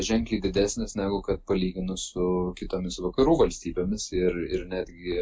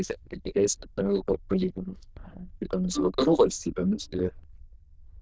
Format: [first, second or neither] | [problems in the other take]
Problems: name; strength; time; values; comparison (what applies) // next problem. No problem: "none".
first | noise reduction (neural diffusion model UNIVERSE++)